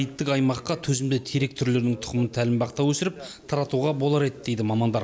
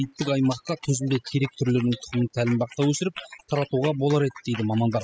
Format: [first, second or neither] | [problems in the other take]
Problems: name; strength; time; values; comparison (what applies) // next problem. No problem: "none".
first | noise reduction (classical method spectral subtraction)